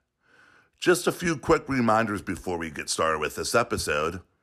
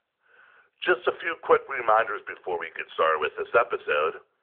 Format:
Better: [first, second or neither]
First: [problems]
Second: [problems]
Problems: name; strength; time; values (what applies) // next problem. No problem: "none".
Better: first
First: none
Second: phone-call audio